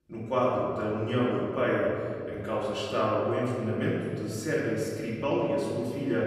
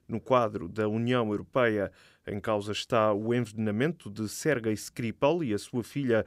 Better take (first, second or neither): second